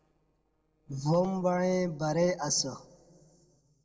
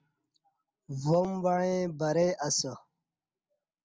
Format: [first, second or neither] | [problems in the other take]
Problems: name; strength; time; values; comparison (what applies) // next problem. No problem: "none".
second | noise reduction (neural separator model SepFormer DNS4)